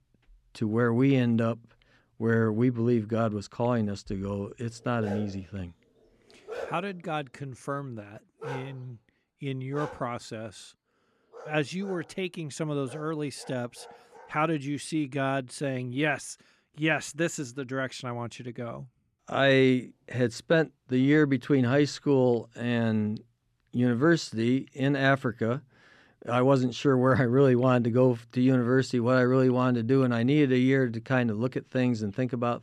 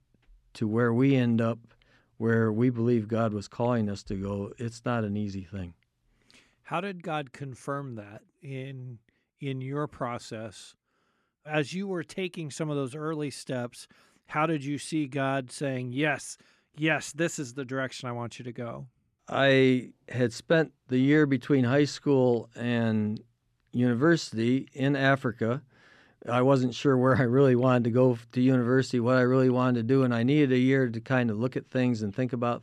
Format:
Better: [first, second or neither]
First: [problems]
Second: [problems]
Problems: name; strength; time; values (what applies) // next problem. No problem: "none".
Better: second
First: dog barking; faint; from 5 to 14 s; peak 10 dB below the speech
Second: none